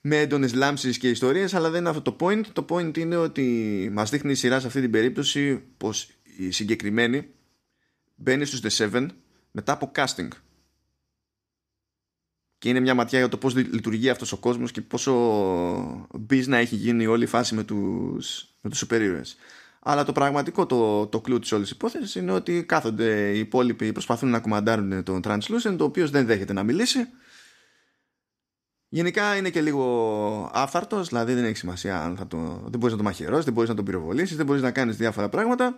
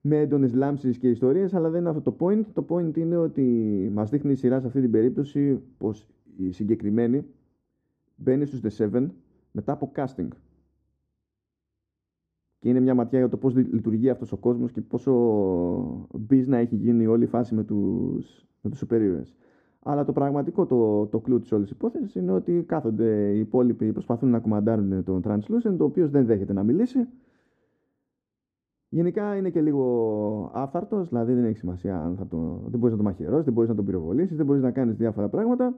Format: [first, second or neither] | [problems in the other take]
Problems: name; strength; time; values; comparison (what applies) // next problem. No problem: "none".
first | muffled; very; fading above 1 kHz